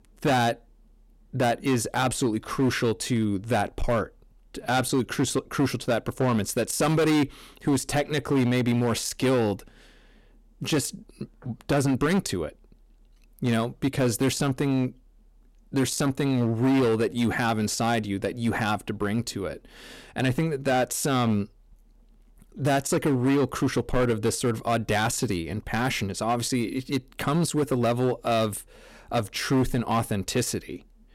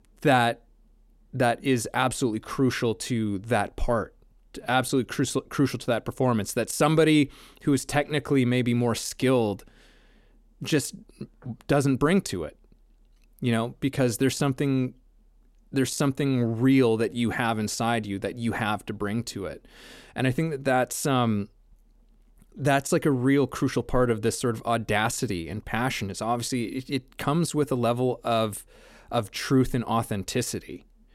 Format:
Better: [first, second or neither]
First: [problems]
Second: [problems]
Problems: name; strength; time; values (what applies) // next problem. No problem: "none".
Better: second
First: distortion; slight; 9% of the sound clipped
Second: none